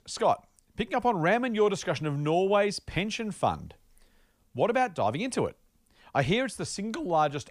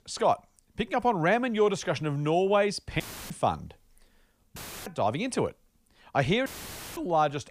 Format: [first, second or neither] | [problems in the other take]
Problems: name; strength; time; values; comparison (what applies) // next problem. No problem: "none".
first | audio cutting out; filled with static; at 3 s, at 4.5 s and at 6.5 s for 0.5 s